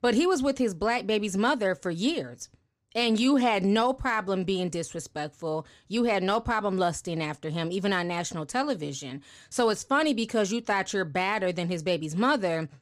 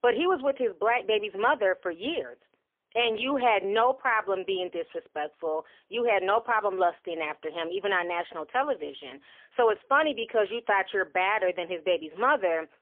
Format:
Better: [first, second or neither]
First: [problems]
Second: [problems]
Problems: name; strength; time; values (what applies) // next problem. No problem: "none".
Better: first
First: none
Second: phone-call audio; poor line; nothing above 3.5 kHz